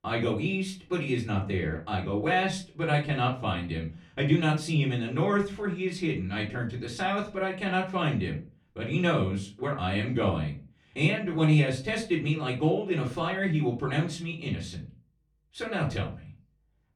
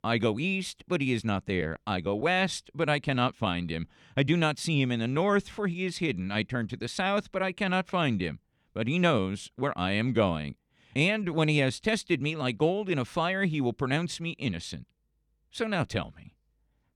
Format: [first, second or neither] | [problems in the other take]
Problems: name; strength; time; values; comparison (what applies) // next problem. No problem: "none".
second | off-mic speech; far // room echo; very slight; dies away in 0.3 s